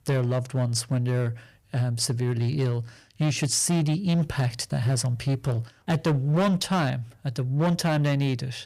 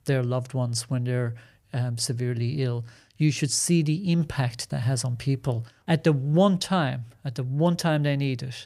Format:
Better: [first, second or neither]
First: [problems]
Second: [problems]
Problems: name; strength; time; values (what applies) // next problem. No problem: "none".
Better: second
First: distortion; slight; 11% of the sound clipped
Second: none